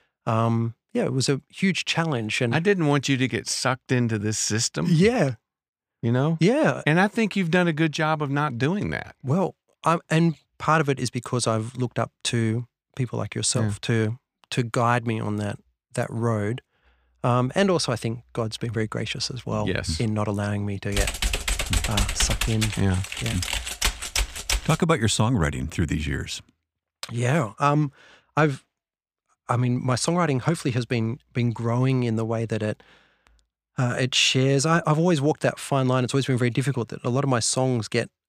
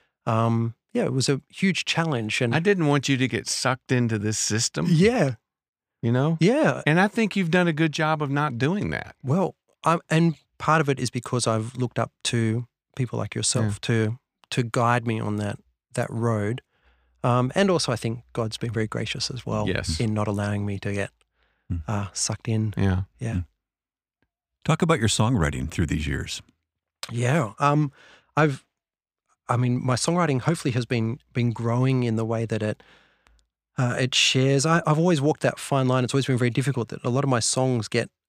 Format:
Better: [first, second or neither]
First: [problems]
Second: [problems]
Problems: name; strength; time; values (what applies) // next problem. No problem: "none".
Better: second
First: keyboard typing; noticeable; from 21 to 25 s; peak level with the speech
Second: none